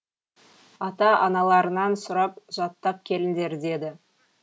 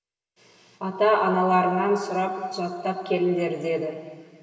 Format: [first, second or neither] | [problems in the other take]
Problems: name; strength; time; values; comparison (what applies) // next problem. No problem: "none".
first | room echo; dies away in 2.3 s